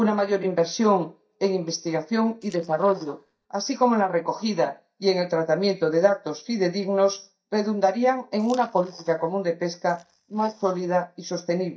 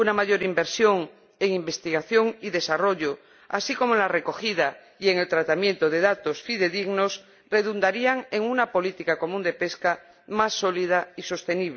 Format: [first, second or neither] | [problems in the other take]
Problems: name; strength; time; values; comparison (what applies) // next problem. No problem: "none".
second | noise reduction (neural mask model DeepFilterNet 3)